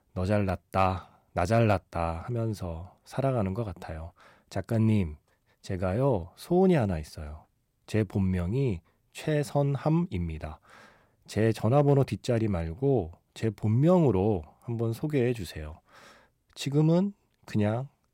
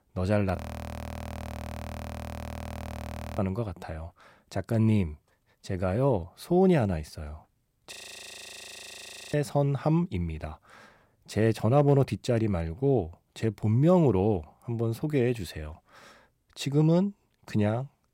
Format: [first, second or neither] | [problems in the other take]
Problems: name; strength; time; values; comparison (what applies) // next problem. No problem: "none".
first | audio freezing; at 0.5 s for 3 s and at 8 s for 1.5 s